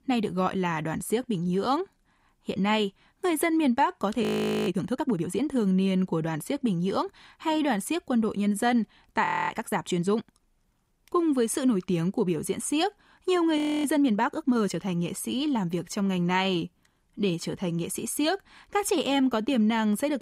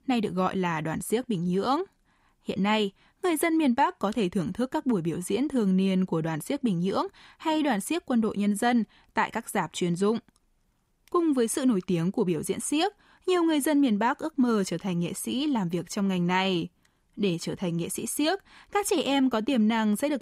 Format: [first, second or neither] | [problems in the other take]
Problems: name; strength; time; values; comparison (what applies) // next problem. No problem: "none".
second | audio freezing; at 4 s, at 9.5 s and at 14 s